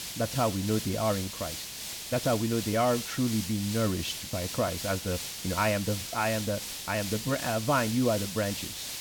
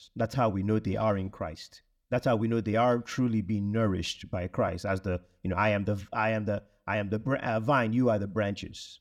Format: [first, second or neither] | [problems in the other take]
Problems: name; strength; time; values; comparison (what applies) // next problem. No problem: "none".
second | hiss; loud; throughout; 5 dB below the speech